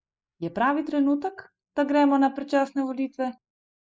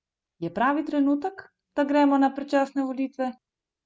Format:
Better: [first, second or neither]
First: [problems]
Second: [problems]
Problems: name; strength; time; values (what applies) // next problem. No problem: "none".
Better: second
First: noise reduction (neural mask model Resemble Enhance denoiser)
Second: none